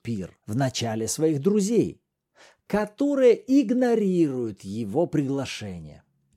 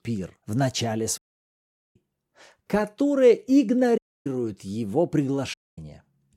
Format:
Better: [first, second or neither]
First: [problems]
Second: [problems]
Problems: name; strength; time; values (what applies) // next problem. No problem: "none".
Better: first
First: none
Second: audio cutting out; at 1 s for 1 s, at 4 s and at 5.5 s